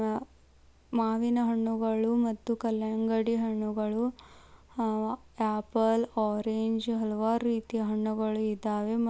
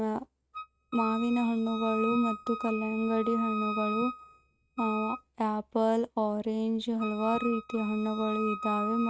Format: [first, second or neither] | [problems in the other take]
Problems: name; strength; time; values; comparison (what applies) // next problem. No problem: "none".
first | noise reduction (neural mask model RNNoise)